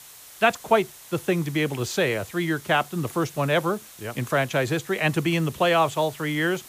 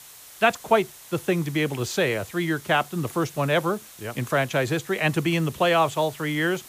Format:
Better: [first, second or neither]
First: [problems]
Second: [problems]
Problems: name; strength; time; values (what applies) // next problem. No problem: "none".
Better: neither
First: hiss; noticeable; throughout; 20 dB below the speech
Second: hiss; noticeable; throughout; 20 dB below the speech